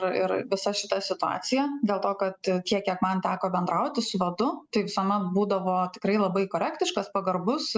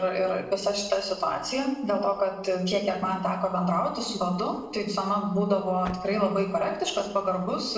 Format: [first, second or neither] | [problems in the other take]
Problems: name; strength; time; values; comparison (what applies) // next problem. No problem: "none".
first | noise reduction (neural separator model SepFormer DNS4)